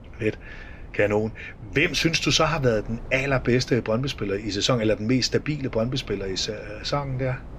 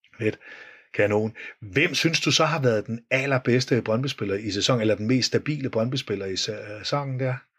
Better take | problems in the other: second | wind noise on the microphone; occasional gusts; 25 dB below the speech

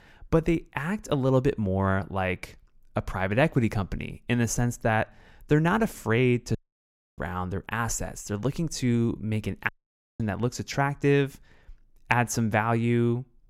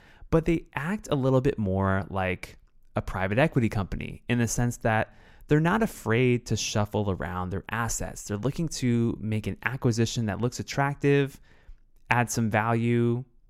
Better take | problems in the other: second | audio cutting out; at 6.5 s for 0.5 s and at 9.5 s for 0.5 s

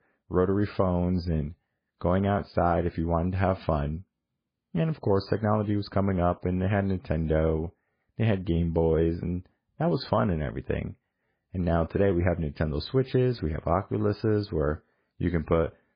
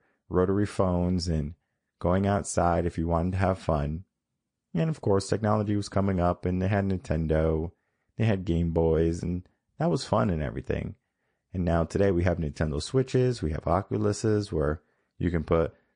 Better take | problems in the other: second | garbled, watery; badly; nothing above 4.5 kHz; slightly in the second

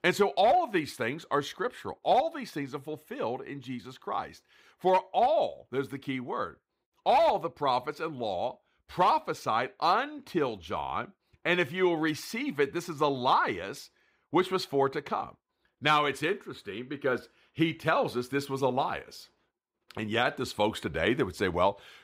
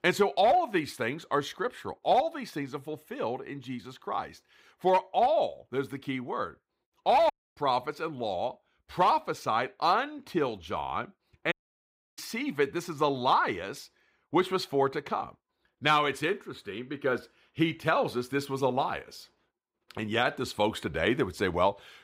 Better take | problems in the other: first | audio cutting out; at 7.5 s and at 12 s for 0.5 s

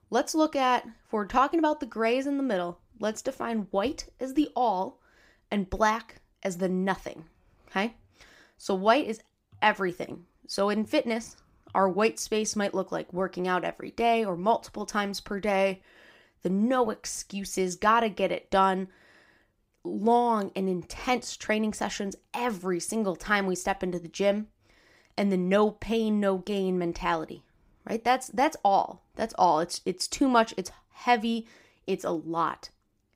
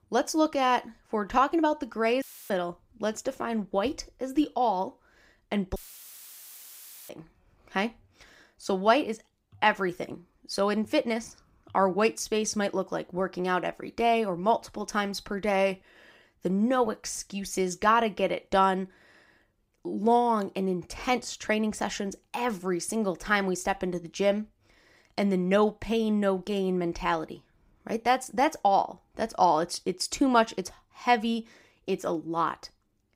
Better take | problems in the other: first | audio cutting out; filled with static; at 2 s and at 6 s for 1.5 s

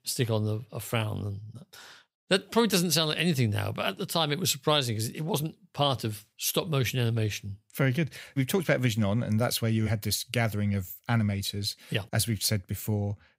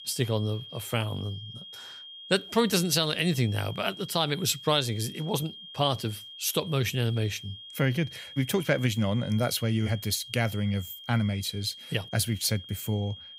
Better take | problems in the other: first | high-pitched whine; noticeable; throughout; 3.5 kHz, 15 dB below the speech

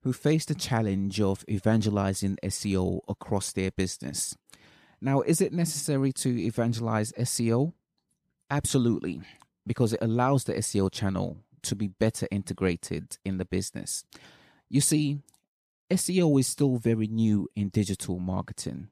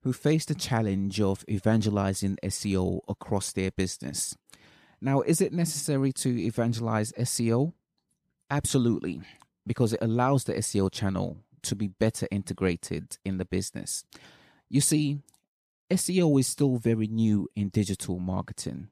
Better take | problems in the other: neither | none

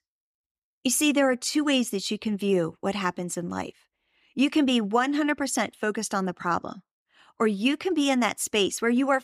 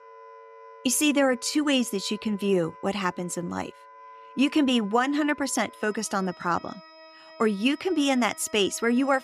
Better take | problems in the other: first | background music; faint; throughout; 20 dB below the speech

